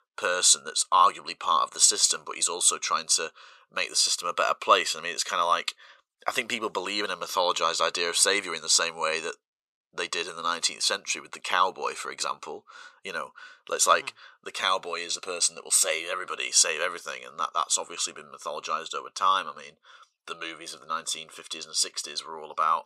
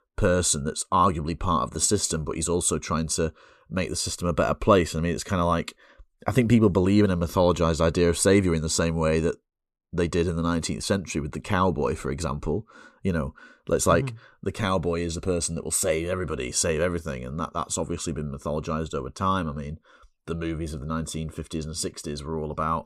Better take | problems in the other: second | thin; very; fading below 850 Hz

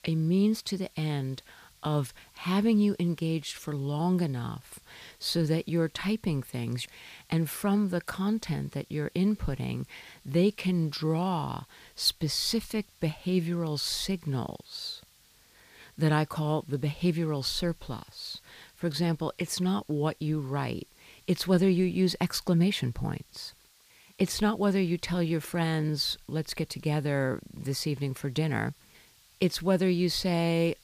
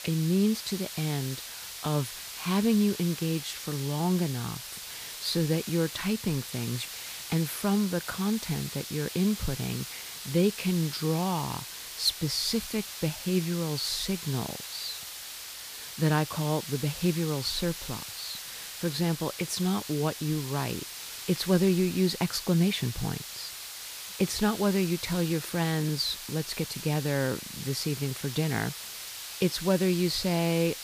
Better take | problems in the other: first | hiss; loud; throughout; 8 dB below the speech; faint in the first

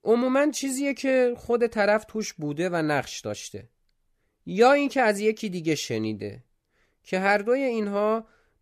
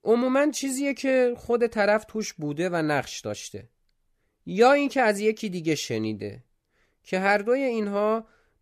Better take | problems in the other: neither | none

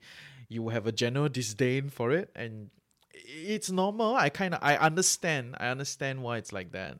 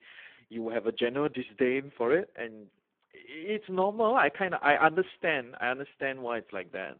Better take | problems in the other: first | phone-call audio; poor line

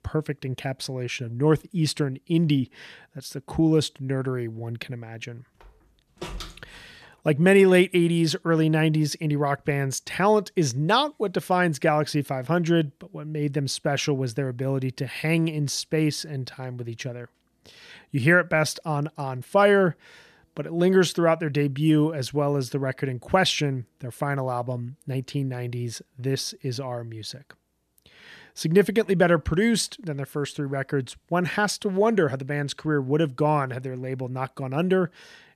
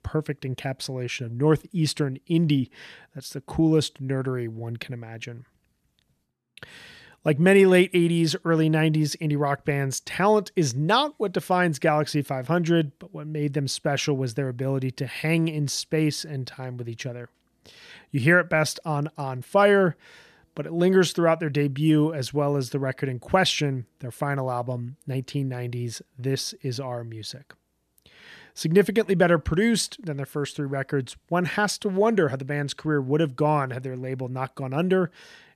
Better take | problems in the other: second | door banging; faint; from 5.5 to 7 s; peak 10 dB below the speech

